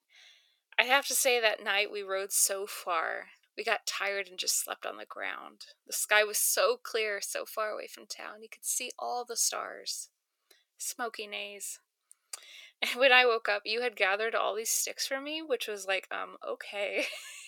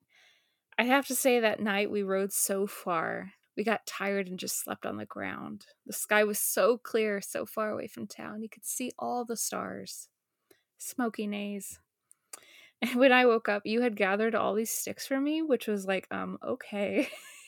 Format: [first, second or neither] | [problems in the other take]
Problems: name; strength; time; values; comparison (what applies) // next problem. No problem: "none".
second | thin; very; fading below 450 Hz